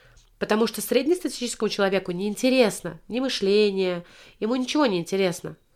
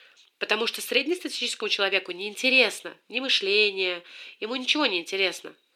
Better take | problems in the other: first | thin; very slightly; fading below 300 Hz

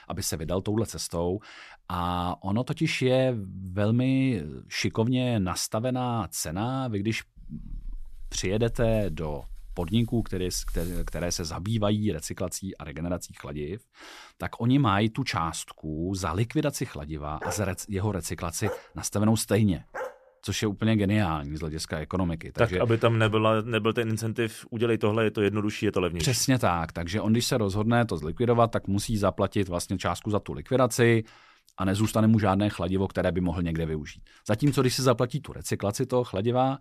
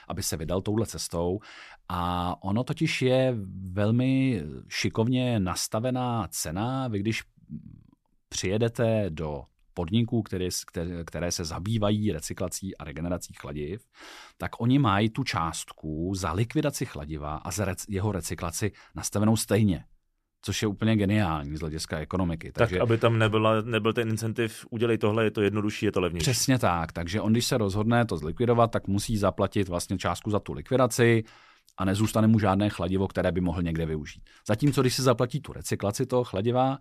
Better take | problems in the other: second | dog barking; faint; from 7.5 to 11 s and from 17 to 20 s; peak 10 dB below the speech

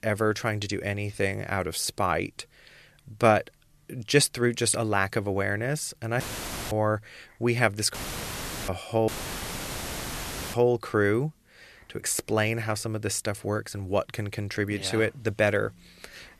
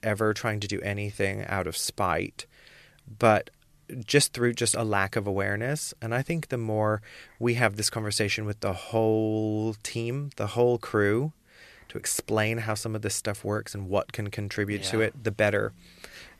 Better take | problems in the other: second | audio cutting out; filled with static; at 6 s for 0.5 s, at 8 s for 0.5 s and at 9 s for 1.5 s

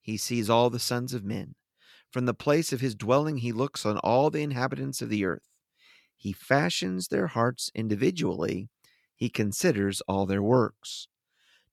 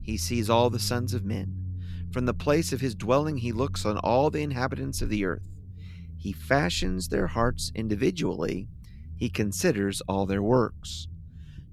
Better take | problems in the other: first | low rumble; faint; throughout; 25 dB below the speech

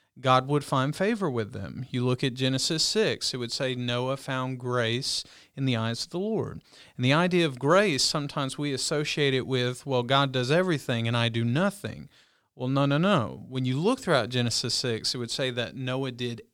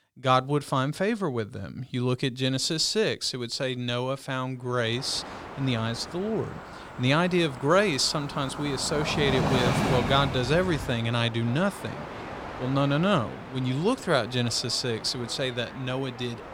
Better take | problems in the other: first | train or aircraft noise; loud; from 5 s on; 8 dB below the speech

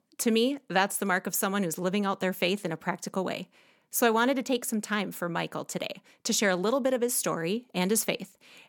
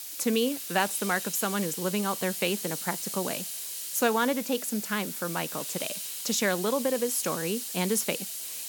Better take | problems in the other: first | hiss; loud; throughout; 4 dB below the speech

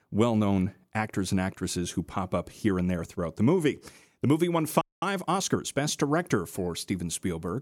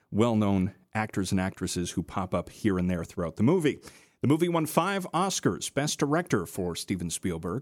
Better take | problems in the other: second | audio freezing; at 5 s

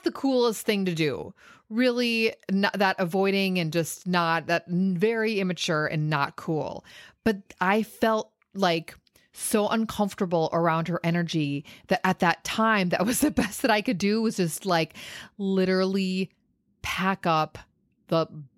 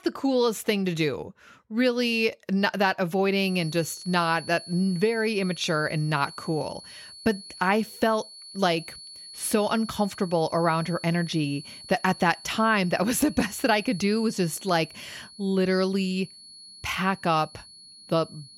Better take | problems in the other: first | high-pitched whine; noticeable; from 3.5 s on; 4.5 kHz, 15 dB below the speech

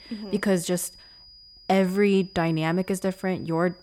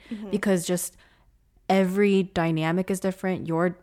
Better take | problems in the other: second | high-pitched whine; faint; throughout; 5 kHz, 25 dB below the speech

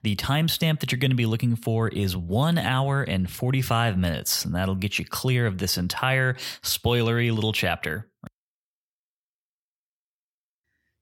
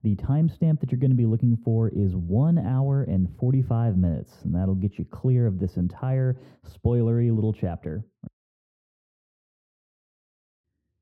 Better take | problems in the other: first | muffled; very; fading above 1 kHz

